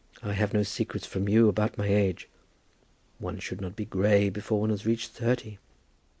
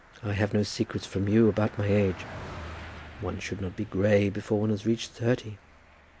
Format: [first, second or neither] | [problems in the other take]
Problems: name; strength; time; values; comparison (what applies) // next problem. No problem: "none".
first | background sound (Car passing by); 18 dB below the speech